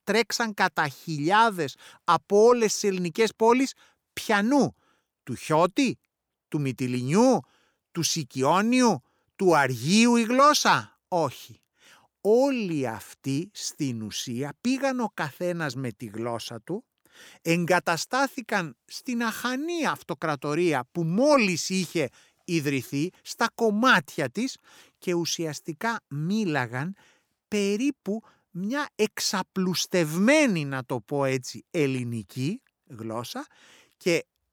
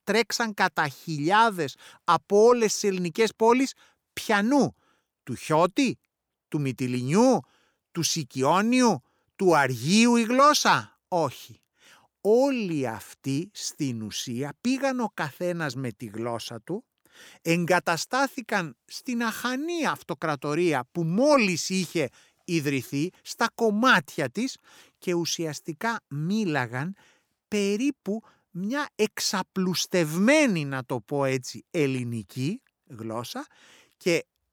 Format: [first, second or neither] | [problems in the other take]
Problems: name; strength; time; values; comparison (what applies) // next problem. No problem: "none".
neither | none